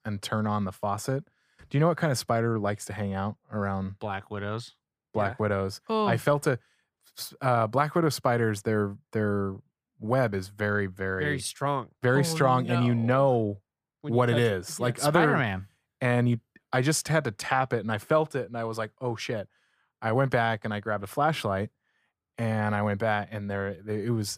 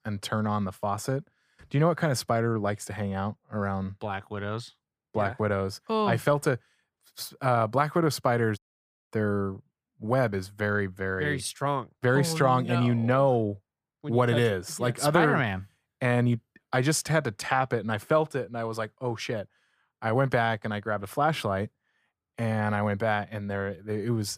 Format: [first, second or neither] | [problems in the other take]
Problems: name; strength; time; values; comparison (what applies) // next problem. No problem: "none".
first | audio cutting out; at 8.5 s for 0.5 s